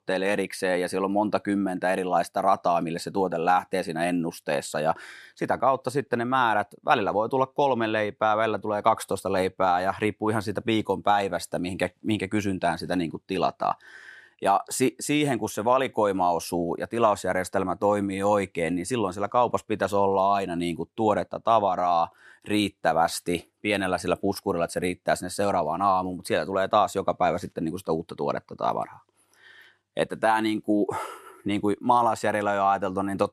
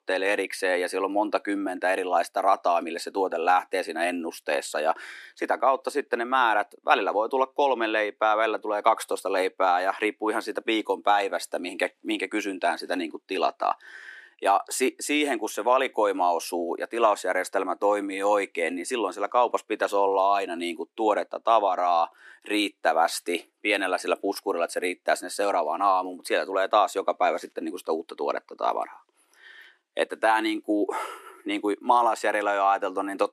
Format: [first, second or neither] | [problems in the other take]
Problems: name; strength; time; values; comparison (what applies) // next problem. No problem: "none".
first | thin; very slightly; fading below 300 Hz